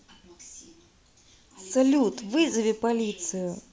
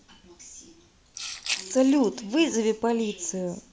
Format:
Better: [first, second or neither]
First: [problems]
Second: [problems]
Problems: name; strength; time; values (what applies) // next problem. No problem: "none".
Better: first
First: none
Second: background sound (Rattle (instrument)); 11 dB below the speech